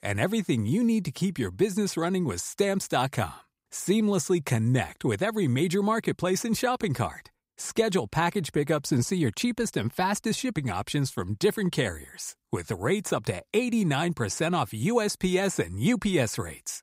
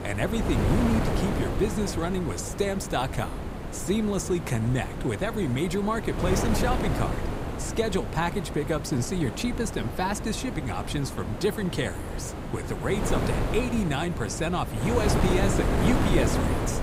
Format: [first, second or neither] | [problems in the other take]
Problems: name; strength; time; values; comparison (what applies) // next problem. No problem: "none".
first | wind noise on the microphone; heavy; 3 dB below the speech